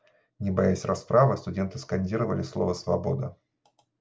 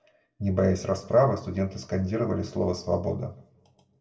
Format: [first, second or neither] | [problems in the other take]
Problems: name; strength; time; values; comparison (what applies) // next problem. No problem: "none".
first | room echo; dies away in 0.6 s